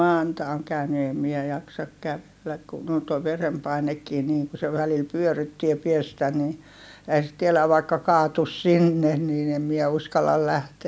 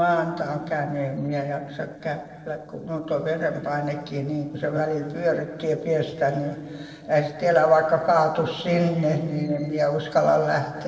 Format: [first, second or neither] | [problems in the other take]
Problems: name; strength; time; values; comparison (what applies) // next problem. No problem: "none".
first | noise reduction (neural separator model SepFormer DNS4)